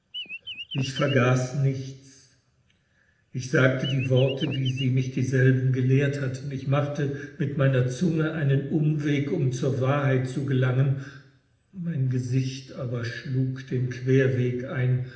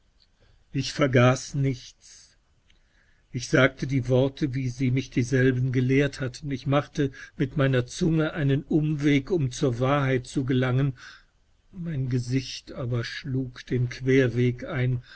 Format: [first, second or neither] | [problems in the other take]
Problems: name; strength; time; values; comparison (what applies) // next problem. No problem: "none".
second | background sound (Chirp, tweet); 12 dB below the speech // room echo; dies away in 0.8 s